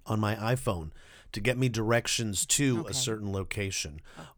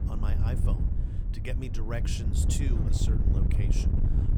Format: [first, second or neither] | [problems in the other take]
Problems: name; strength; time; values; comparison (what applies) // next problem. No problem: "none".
first | wind noise on the microphone; heavy; 1 dB below the speech